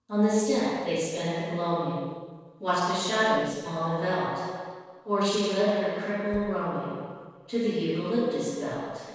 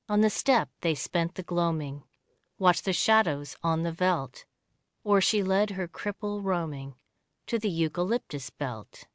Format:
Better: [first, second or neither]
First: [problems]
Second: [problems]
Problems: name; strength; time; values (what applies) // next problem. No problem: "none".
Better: second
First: noise reduction (neural separator model SepFormer DNS4)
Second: none